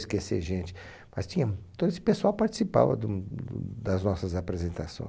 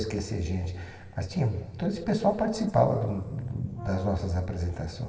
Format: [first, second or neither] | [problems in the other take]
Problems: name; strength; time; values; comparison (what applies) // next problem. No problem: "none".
first | background sound (Brass instrument); 19 dB below the speech // room echo; dies away in 2.1 s